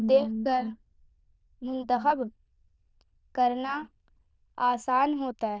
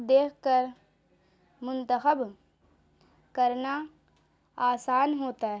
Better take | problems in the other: second | noise reduction (neural diffusion model UNIVERSE++)

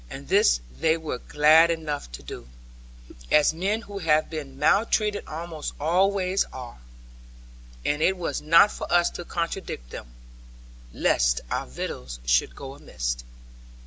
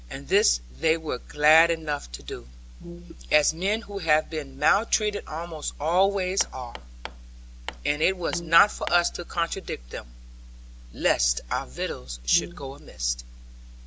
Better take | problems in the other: first | background sound (Hammer + Brass instrument); 14 dB below the speech

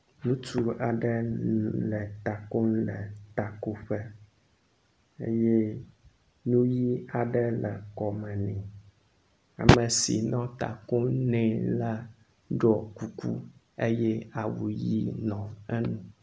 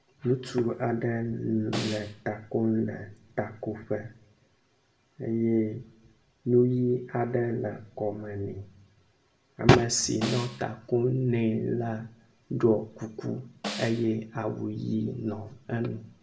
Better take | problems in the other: first | background sound (Snare drum); 11 dB below the speech // room echo; dies away in 0.4 s

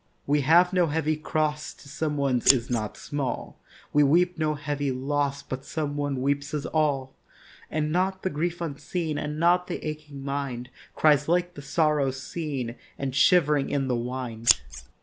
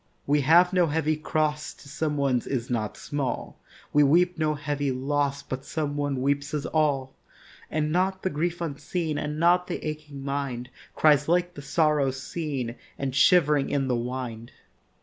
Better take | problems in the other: second | background sound (Scissors); 1 dB below the speech

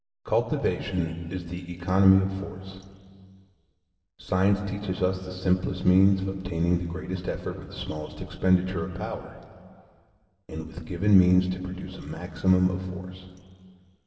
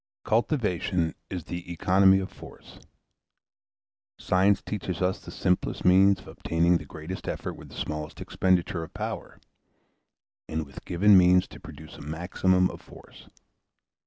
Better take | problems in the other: second | room echo; dies away in 2.8 s

